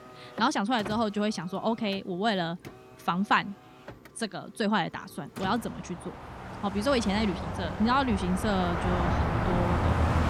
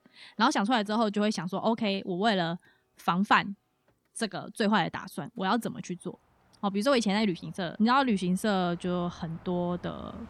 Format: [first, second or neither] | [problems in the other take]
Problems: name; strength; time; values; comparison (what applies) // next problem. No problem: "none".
second | traffic noise; loud; throughout; 3 dB below the speech; faint in the second